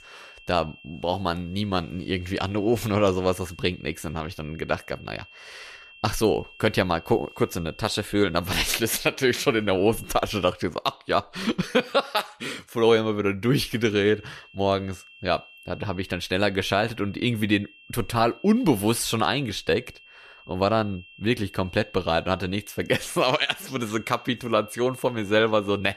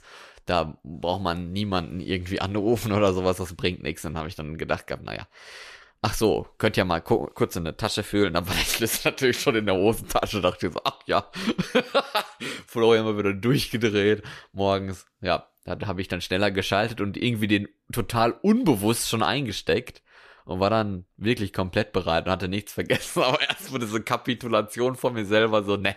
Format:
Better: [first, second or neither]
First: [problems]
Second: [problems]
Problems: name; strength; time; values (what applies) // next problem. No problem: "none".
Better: second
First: high-pitched whine; faint; until 10 s and from 14 s on; 2.5 kHz, 20 dB below the speech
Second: none